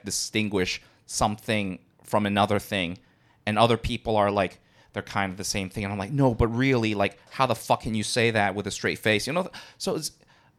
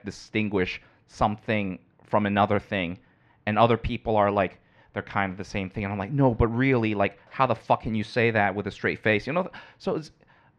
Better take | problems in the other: first | muffled; very; fading above 2 kHz

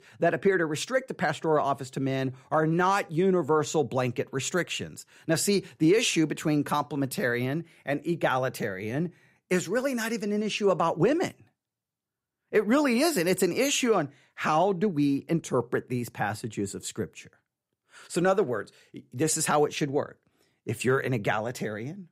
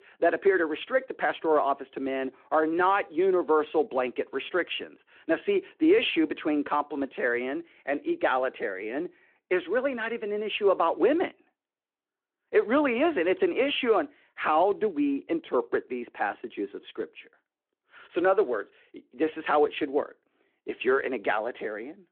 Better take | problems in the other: first | phone-call audio

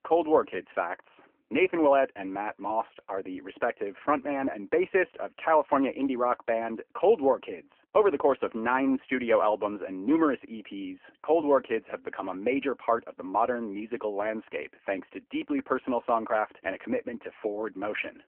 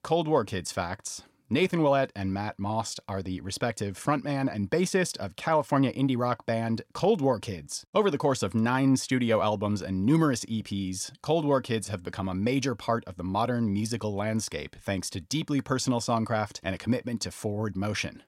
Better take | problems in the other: second | phone-call audio

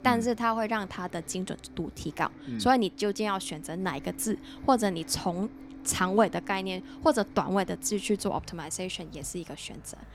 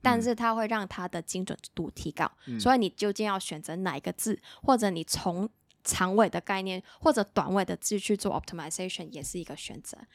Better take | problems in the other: second | traffic noise; noticeable; throughout; 20 dB below the speech

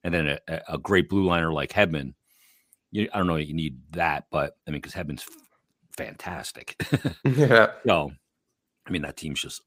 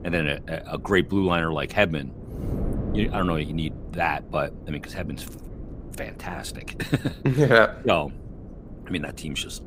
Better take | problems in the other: first | wind noise on the microphone; occasional gusts; 20 dB below the speech

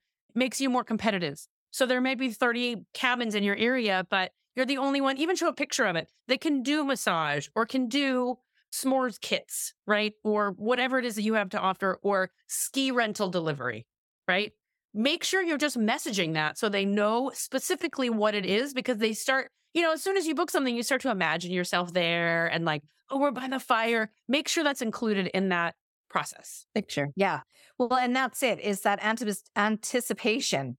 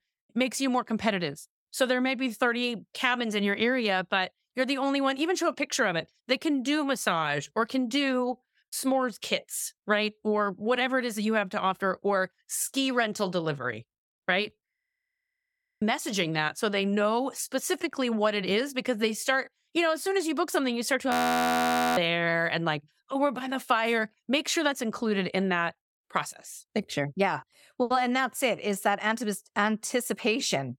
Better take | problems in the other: first | audio freezing; at 15 s for 1 s and at 21 s for 1 s

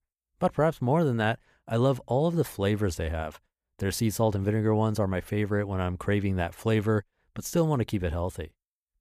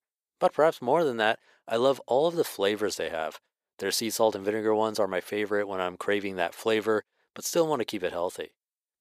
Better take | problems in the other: first | thin; somewhat; fading below 450 Hz

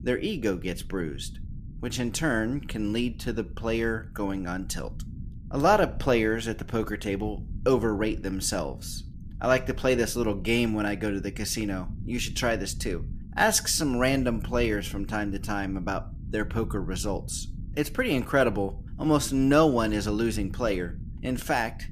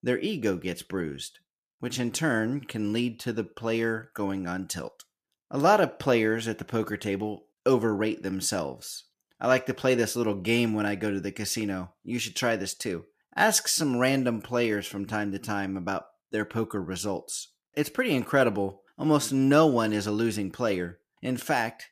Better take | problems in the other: second | low rumble; faint; throughout; 25 dB below the speech

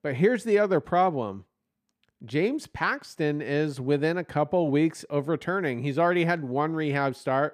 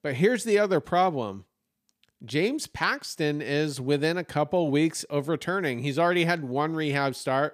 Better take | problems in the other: second | muffled; slightly; fading above 3 kHz

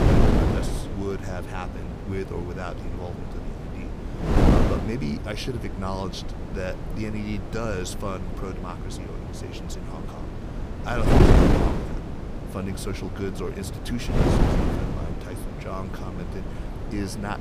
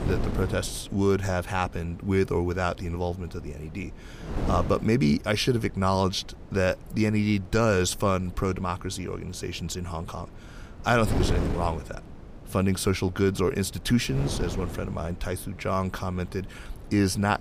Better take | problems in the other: second | wind noise on the microphone; heavy; 3 dB above the speech; occasional gusts in the second

